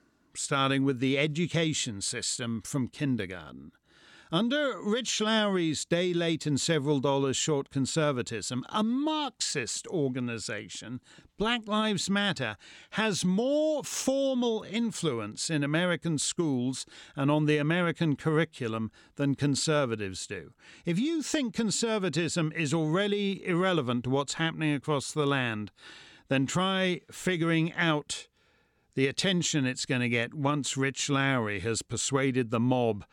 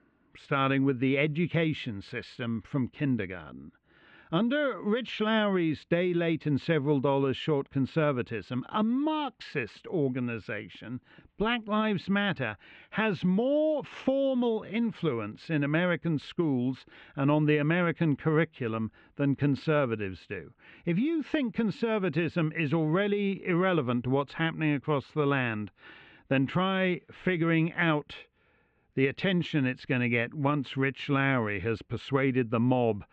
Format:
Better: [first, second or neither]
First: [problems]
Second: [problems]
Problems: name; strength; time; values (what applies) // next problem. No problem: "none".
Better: first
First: none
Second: muffled; very; fading above 2.5 kHz